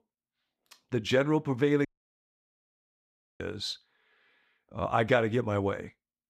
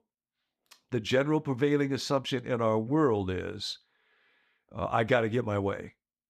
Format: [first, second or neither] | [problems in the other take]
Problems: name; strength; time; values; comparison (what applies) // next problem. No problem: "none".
second | audio cutting out; at 2 s for 1.5 s